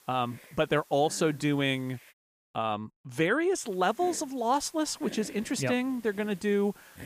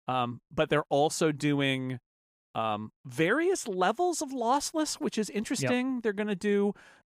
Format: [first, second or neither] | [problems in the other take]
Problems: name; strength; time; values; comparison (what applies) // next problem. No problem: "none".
second | hiss; faint; until 2 s and from 3.5 s on; 20 dB below the speech